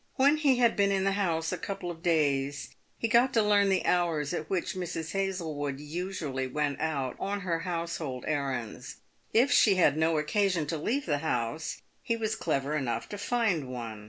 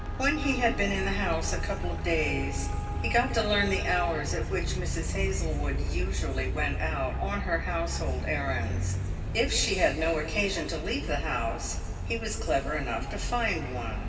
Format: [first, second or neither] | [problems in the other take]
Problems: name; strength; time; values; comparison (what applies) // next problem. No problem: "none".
first | background sound (Traffic noise, roadway noise); 1 dB below the speech // room echo; dies away in 2.3 s